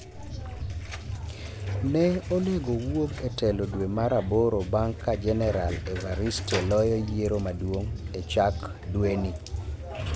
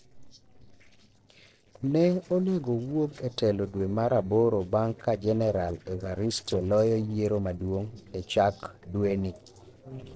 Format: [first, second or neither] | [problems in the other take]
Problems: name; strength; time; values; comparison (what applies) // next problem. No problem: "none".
first | noise reduction (neural separator model SepFormer DNS4)